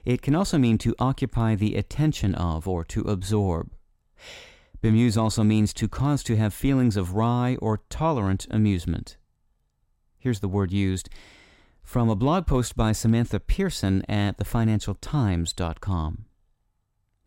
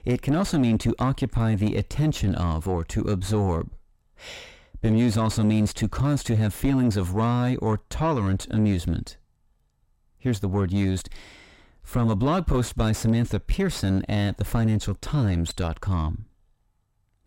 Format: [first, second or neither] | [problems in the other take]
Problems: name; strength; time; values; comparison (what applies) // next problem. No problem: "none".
first | distortion; slight; 9 dB below the speech